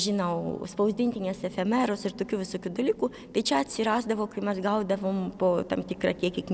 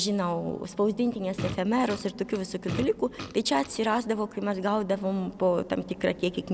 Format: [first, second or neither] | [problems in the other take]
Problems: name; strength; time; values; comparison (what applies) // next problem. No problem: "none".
first | background sound (Fart); 11 dB below the speech